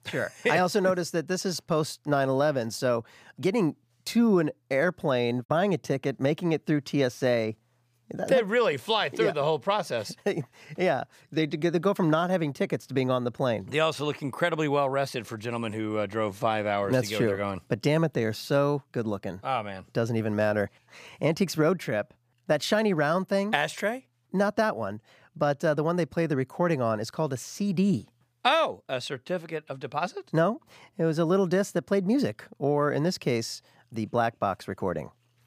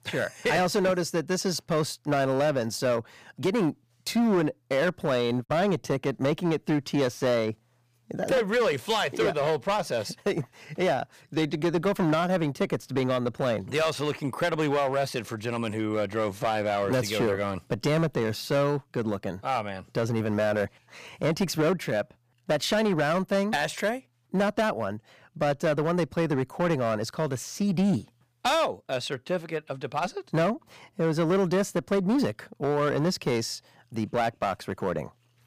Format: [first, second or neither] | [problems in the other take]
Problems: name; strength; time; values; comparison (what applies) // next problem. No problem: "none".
first | distortion; slight; 9% of the sound clipped